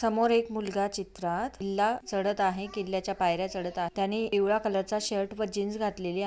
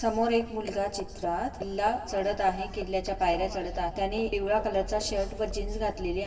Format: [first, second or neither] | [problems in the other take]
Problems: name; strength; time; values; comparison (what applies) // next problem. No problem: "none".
first | background sound (Livestock, farm animals, working animals); 10 dB below the speech // room echo; dies away in 1.3 s